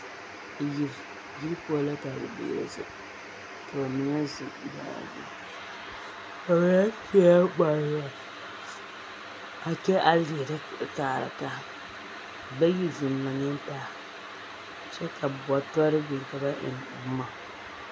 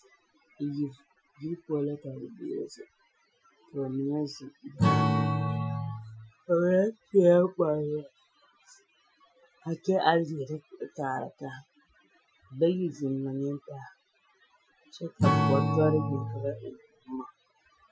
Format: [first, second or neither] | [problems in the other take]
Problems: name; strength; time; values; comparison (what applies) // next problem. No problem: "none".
first | noise reduction (classical method Wiener filter)